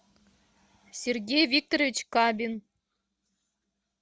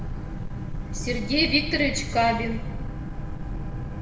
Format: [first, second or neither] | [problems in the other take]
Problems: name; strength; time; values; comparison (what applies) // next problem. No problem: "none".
first | background sound (Boat, Water vehicle); 3 dB below the speech // room echo; dies away in 1 s